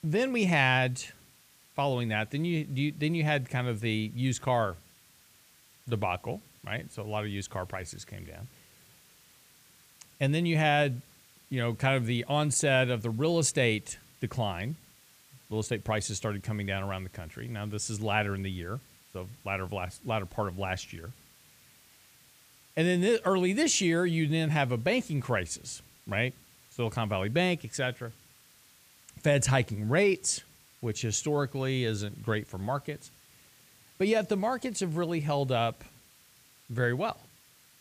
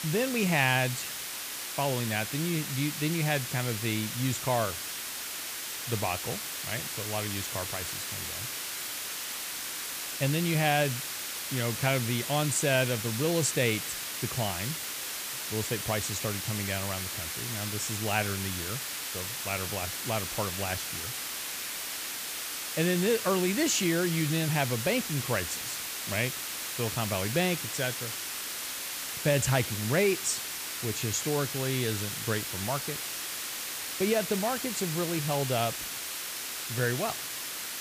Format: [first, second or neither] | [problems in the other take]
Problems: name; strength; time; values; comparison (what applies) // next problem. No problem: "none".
first | hiss; loud; throughout; 3 dB below the speech; faint in the first